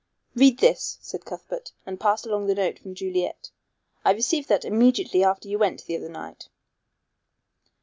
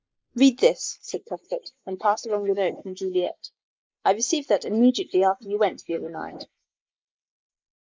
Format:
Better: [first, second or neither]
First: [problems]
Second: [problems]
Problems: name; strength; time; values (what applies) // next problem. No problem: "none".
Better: first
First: none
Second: noise reduction (neural mask model Resemble Enhance denoiser)